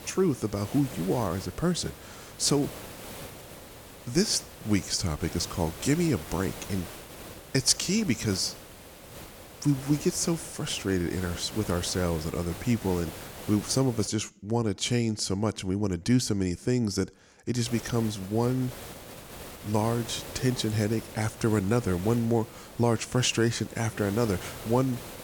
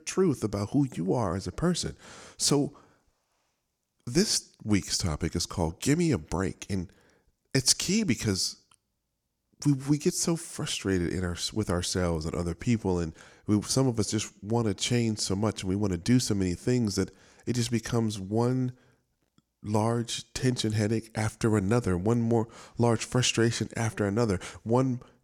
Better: second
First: hiss; noticeable; until 14 s and from 18 s on; 15 dB below the speech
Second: none

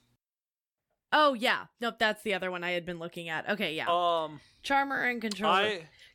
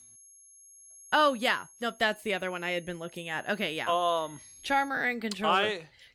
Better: first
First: none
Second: high-pitched whine; faint; until 5 s; 11 kHz, 20 dB below the speech

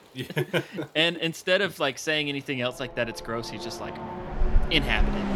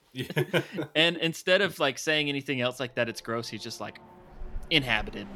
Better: second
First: traffic noise; loud; throughout; 6 dB below the speech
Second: traffic noise; faint; throughout; 20 dB below the speech

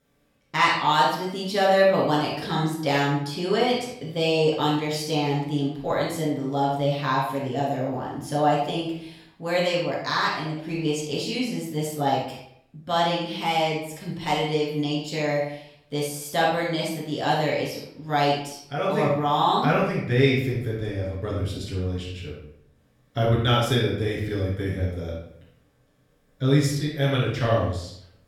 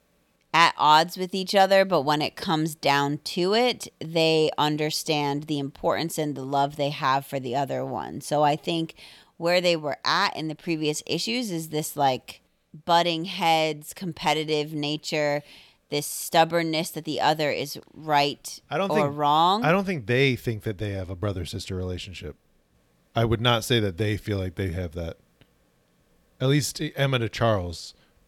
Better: second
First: off-mic speech; far // room echo; noticeable; dies away in 0.6 s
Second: none

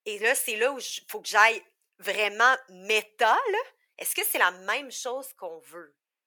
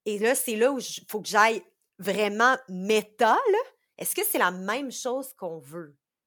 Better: second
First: thin; somewhat; fading below 500 Hz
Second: none

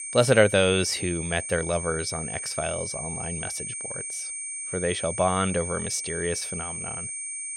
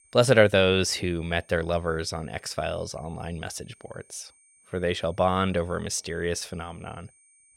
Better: second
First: high-pitched whine; loud; throughout; 8.5 kHz, 5 dB below the speech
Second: high-pitched whine; faint; throughout; 8.5 kHz, 30 dB below the speech

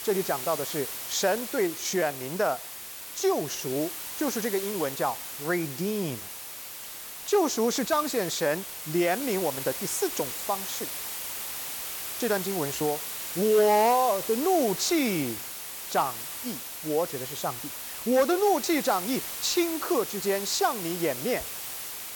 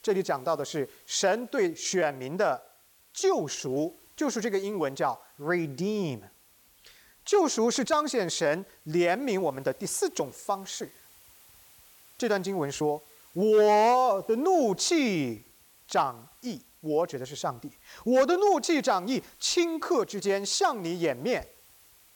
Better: second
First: hiss; loud; throughout; 6 dB below the speech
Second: hiss; faint; throughout; 25 dB below the speech

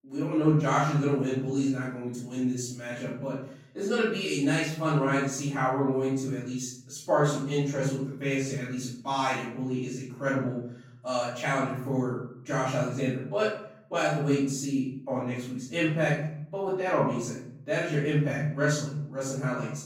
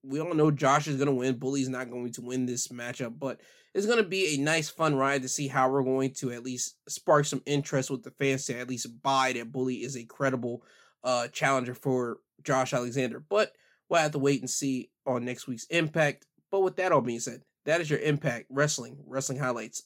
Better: second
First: room echo; noticeable; dies away in 0.8 s // off-mic speech; far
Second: none

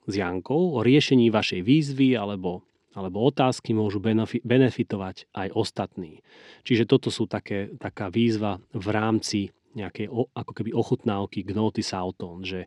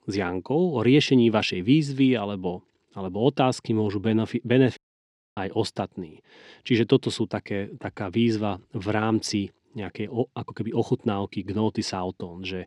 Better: first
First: none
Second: audio cutting out; at 5 s for 0.5 s

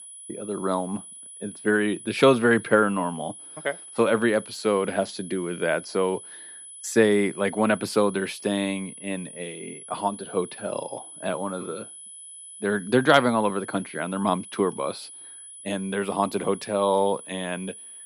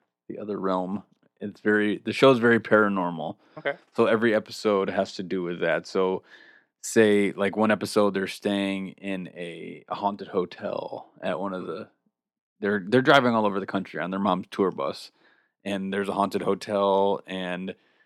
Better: second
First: high-pitched whine; noticeable; throughout; 10 kHz, 15 dB below the speech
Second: none

